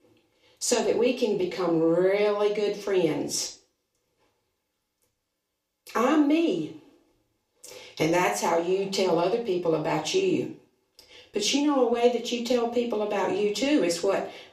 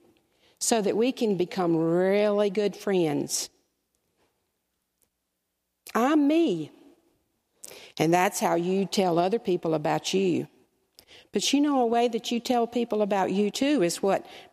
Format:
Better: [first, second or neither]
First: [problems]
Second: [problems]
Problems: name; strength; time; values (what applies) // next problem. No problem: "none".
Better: second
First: room echo; slight; dies away in 0.3 s // off-mic speech; far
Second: none